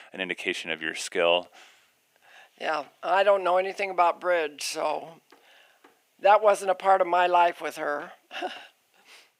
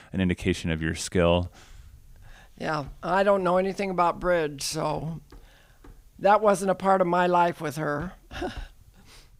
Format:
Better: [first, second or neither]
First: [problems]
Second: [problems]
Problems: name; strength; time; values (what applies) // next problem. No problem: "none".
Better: second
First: thin; very; fading below 350 Hz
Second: none